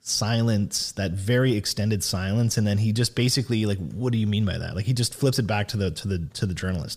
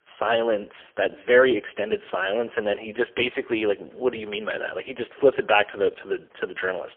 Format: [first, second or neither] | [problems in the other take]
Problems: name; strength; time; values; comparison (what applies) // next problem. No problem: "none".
first | phone-call audio; poor line; nothing above 3 kHz